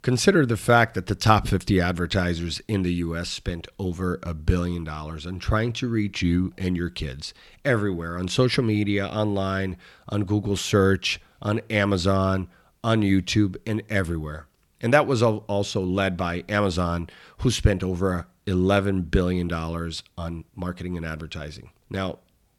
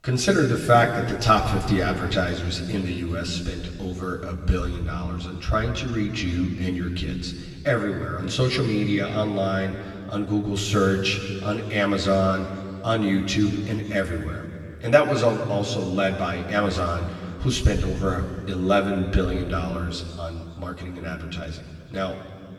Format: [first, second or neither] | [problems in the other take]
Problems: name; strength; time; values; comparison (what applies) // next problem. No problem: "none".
first | room echo; noticeable; dies away in 2 s // off-mic speech; far